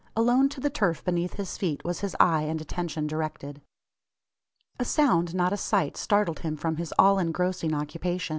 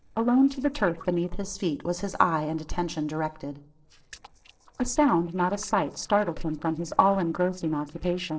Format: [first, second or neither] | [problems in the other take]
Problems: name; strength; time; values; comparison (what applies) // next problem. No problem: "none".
first | noise reduction (neural separator model SepFormer DNS4)